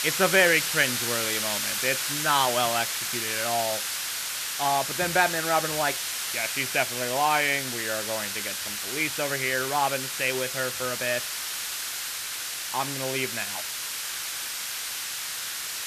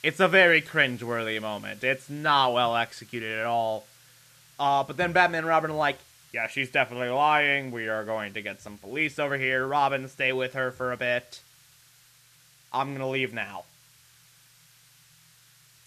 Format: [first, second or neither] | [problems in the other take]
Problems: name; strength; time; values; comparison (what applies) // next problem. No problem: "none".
second | hiss; loud; throughout; 1 dB below the speech; faint in the second